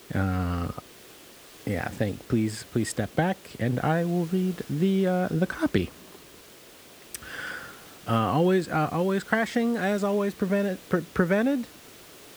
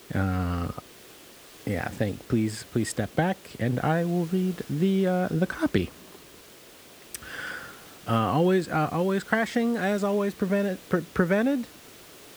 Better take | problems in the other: neither | hiss; faint; throughout; 20 dB below the speech; the same in both

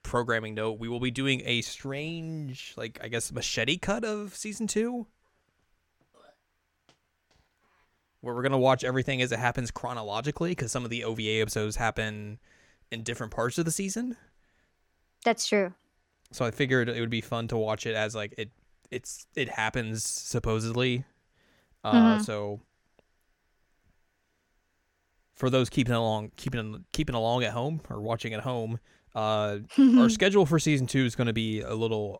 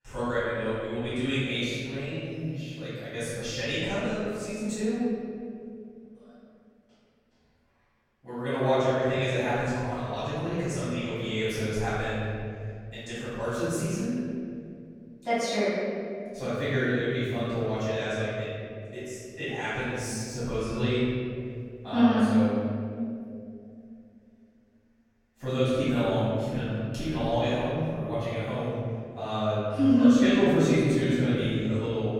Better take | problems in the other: first | off-mic speech; far // room echo; strong; dies away in 2.5 s

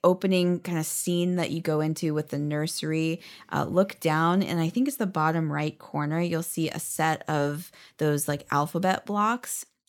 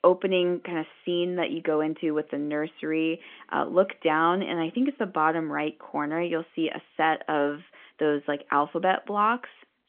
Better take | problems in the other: first | phone-call audio; nothing above 3.5 kHz

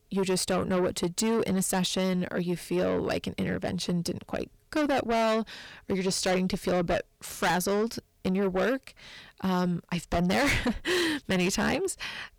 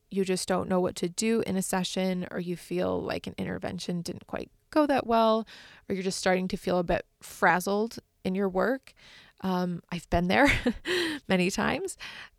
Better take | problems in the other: second | distortion; heavy; 6 dB below the speech

